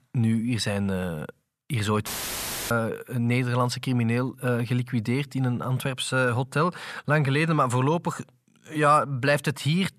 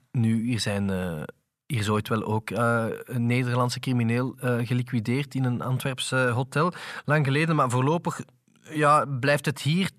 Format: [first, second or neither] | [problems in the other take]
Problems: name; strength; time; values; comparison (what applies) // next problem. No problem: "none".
second | audio cutting out; filled with static; at 2 s for 0.5 s